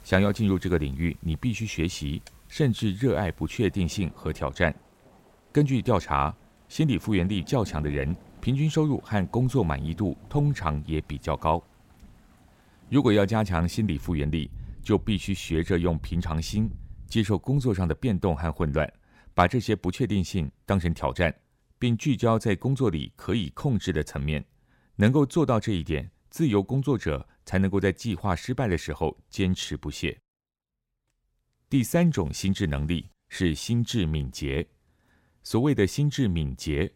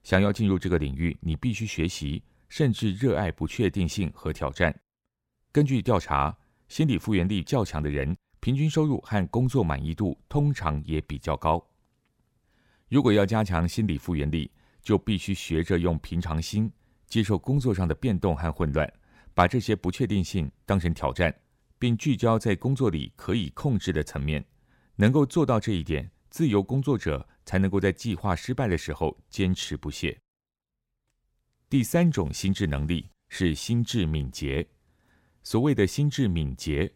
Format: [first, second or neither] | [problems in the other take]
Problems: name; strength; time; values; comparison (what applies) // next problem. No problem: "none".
second | rain or running water; faint; until 17 s; 20 dB below the speech